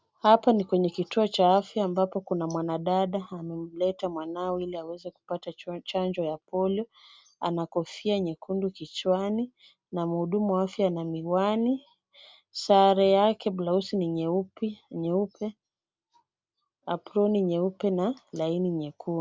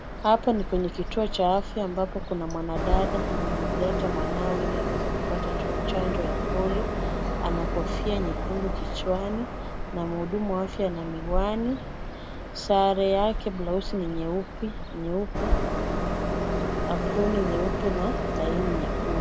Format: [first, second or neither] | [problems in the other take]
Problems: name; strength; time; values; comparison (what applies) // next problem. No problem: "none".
first | background sound (Train); 1 dB above the speech